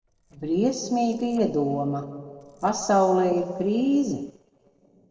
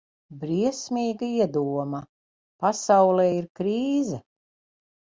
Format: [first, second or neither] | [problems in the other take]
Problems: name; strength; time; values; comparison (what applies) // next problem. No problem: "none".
second | noise reduction (neural separator model SepFormer DNS4)